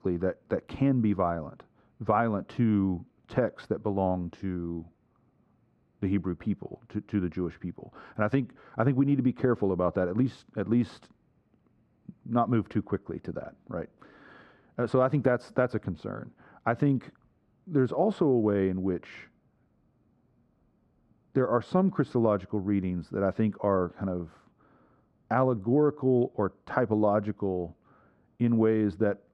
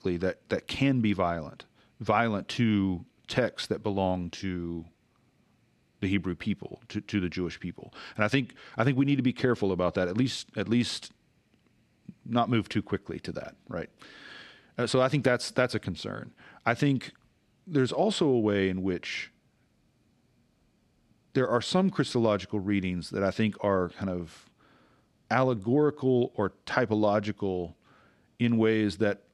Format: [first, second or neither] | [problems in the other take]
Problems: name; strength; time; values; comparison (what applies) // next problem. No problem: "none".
second | muffled; very; fading above 2 kHz